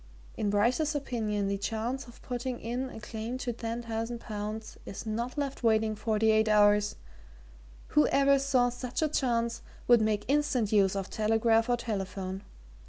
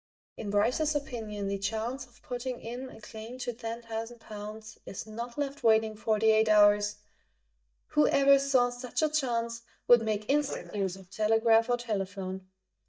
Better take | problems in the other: first | noise reduction (neural mask model DeepFilterNet 3)

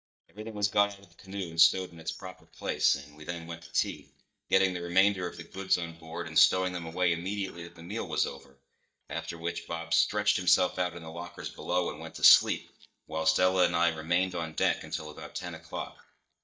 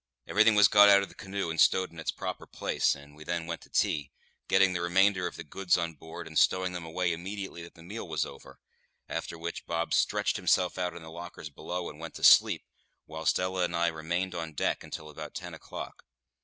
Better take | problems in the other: second | noise reduction (neural mask model DeepFilterNet 3)

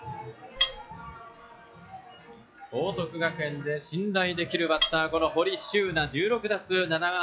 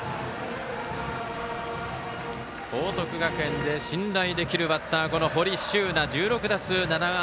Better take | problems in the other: second | noise reduction (classical method WPE with log-MMSE)

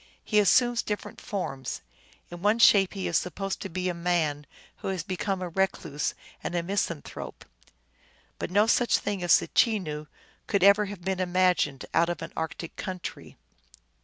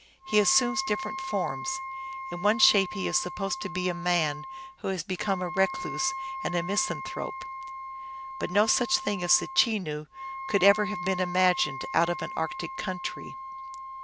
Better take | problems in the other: first | background sound (Wind instrument, woodwind instrument); 8 dB below the speech

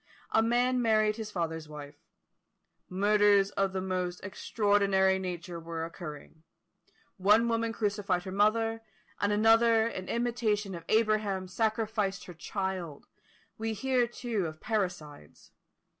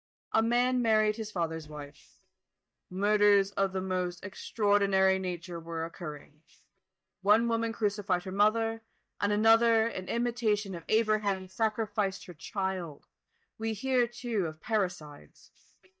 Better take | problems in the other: first | noise reduction (neural mask model DeepFilterNet 3)

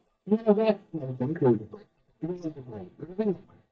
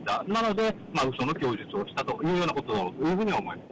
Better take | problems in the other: second | noise reduction (neural mask model DeepFilterNet 3)

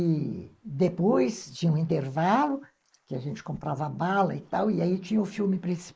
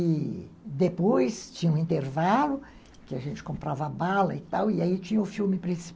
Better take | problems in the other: second | noise reduction (neural mask model Resemble Enhance denoiser)

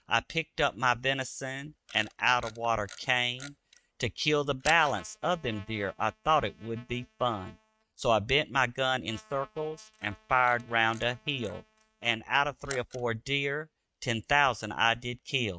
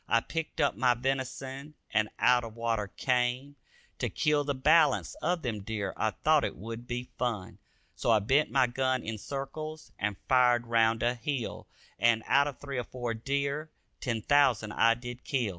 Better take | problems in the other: second | noise reduction (neural mask model RNNoise)

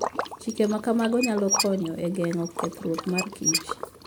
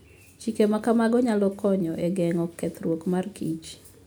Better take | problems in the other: second | background sound (Squeak / Dishes, pots, and pans + Liquid); 4 dB below the speech

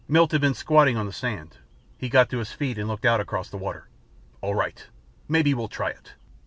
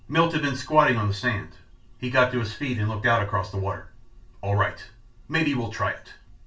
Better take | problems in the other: first | room echo; dies away in 0.3 s

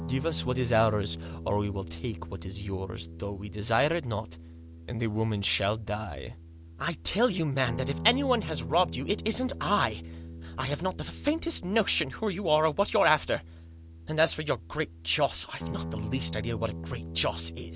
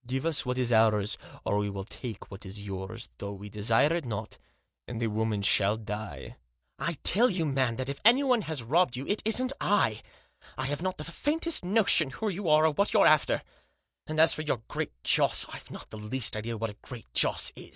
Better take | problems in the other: second | background sound (Guitar); 10 dB below the speech

